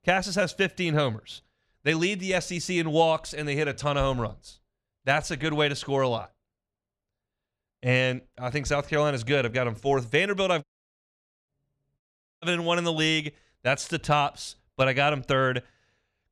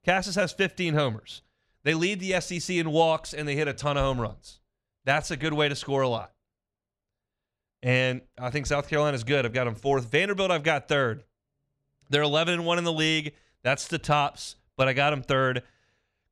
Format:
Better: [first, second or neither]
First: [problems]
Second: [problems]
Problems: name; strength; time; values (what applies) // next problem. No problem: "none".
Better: second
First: audio cutting out; at 11 s for 1 s and at 12 s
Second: none